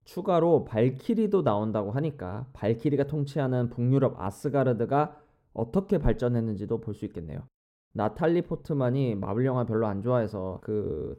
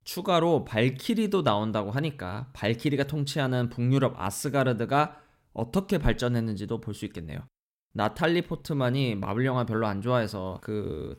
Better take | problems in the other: second | muffled; slightly; fading above 1.5 kHz

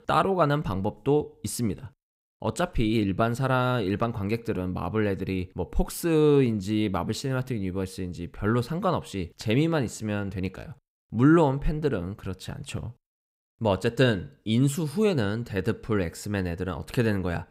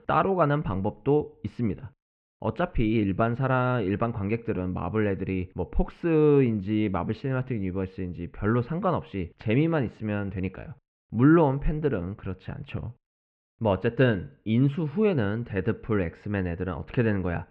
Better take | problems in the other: first | muffled; very; fading above 2.5 kHz

